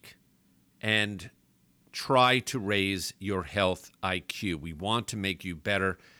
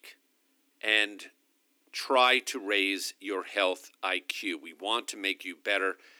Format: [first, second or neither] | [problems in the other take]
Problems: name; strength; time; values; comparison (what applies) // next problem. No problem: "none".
first | thin; somewhat; fading below 300 Hz